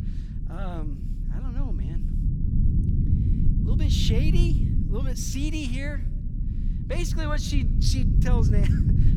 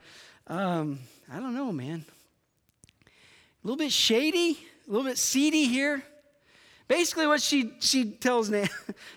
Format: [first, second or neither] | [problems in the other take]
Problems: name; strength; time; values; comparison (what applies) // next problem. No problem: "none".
second | low rumble; loud; throughout; 4 dB below the speech